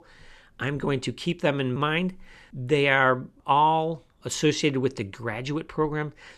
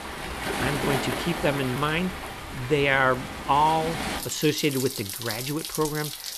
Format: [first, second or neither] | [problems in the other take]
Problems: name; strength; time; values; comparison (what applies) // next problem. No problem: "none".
first | rain or running water; loud; throughout; 6 dB below the speech